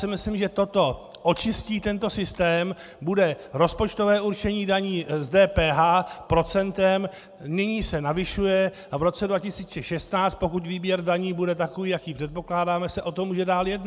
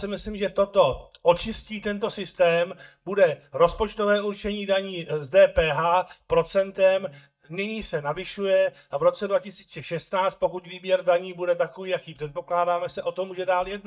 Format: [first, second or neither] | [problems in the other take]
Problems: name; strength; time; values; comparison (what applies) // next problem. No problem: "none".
first | noise reduction (neural mask model DeepFilterNet 3)